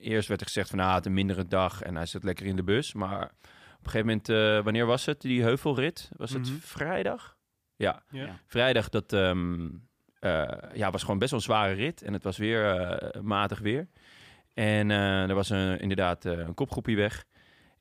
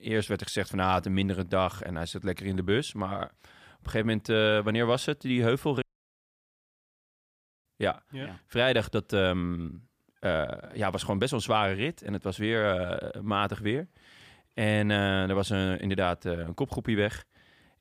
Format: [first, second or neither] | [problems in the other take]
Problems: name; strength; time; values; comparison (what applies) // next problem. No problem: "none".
first | audio cutting out; at 6 s for 2 s